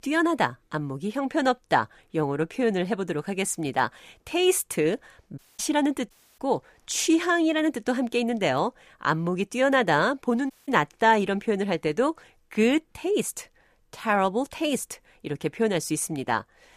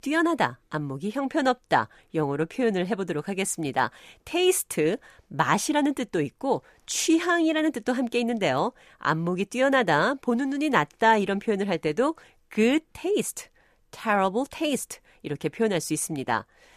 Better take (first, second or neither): second